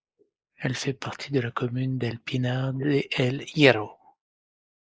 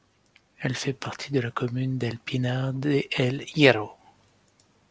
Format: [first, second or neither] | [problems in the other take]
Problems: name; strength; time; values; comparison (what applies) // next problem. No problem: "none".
second | noise reduction (neural mask model Resemble Enhance denoiser)